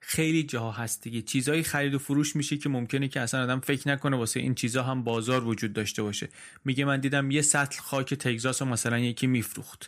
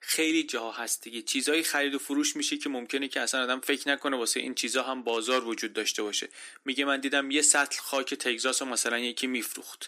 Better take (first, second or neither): first